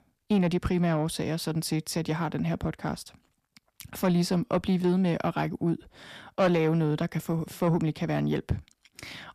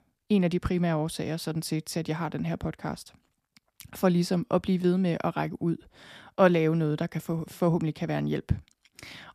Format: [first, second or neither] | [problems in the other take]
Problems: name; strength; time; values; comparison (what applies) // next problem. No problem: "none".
second | distortion; slight; 10 dB below the speech